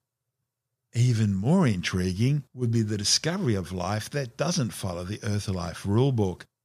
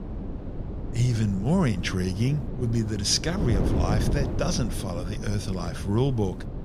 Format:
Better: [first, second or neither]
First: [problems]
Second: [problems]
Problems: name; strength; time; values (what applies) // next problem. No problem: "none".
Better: first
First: none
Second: wind noise on the microphone; heavy; 8 dB below the speech